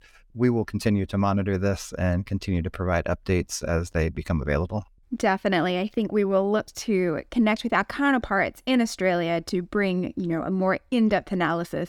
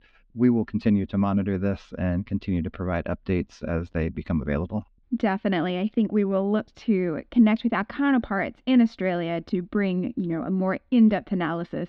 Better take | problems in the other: first | muffled; slightly; fading above 3.5 kHz

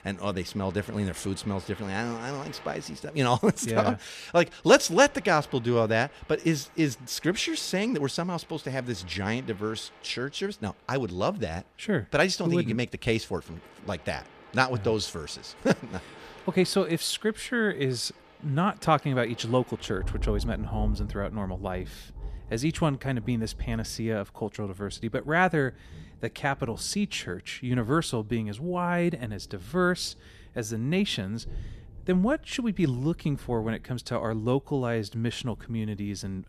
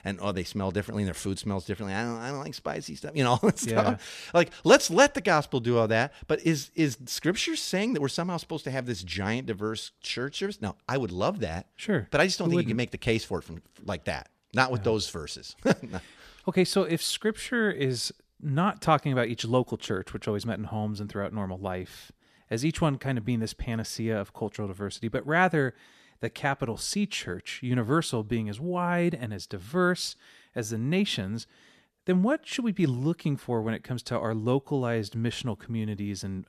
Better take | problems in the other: second | rain or running water; noticeable; throughout; 15 dB below the speech

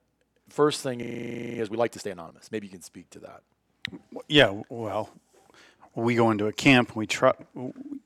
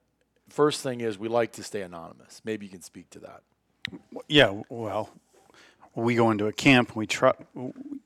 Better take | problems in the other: second | audio freezing; at 1 s for 0.5 s

